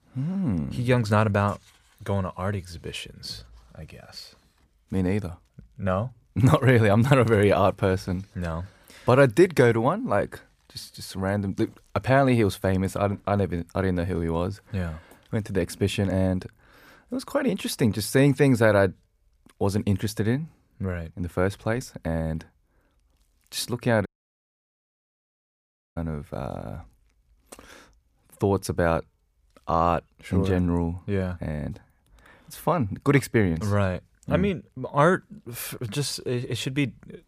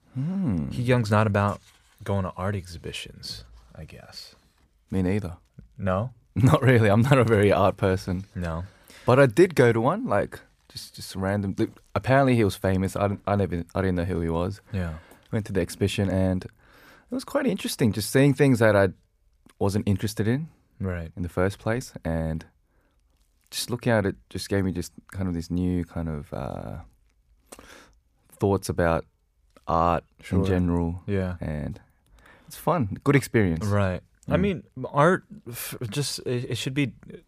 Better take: second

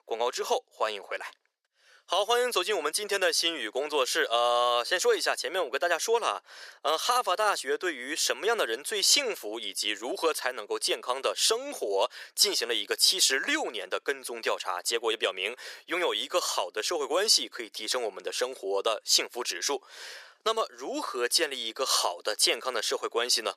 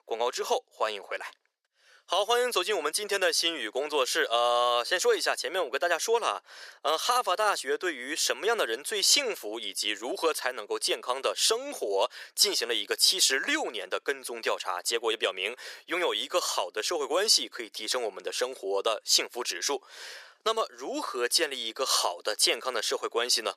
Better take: neither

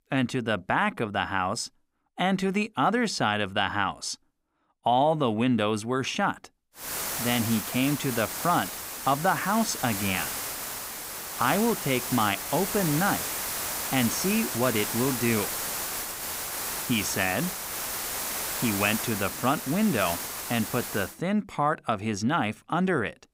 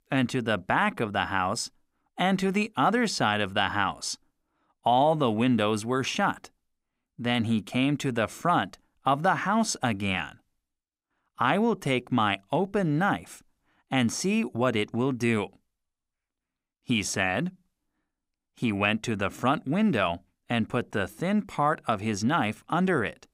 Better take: second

